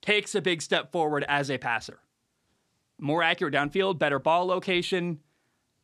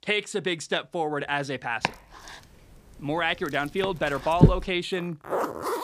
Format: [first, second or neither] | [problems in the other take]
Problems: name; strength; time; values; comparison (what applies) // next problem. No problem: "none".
first | household noises; very loud; throughout; 2 dB above the speech